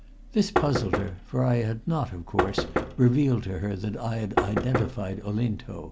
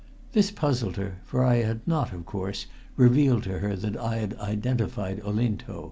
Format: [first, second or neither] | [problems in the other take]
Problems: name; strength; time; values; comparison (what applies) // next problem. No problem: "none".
second | background sound (Knock); 4 dB below the speech